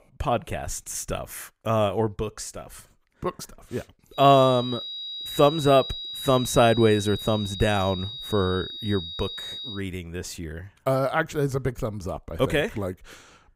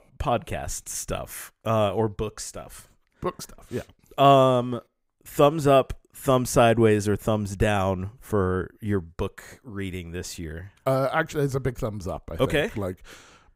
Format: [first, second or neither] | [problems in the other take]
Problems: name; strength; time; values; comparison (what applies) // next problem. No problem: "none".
second | high-pitched whine; loud; from 4 to 10 s; 4 kHz, 8 dB below the speech